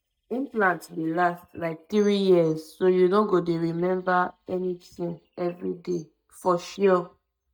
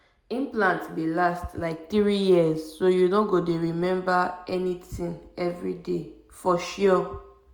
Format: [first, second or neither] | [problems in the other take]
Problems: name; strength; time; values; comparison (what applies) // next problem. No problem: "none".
second | noise reduction (neural mask model DeepFilterNet 3)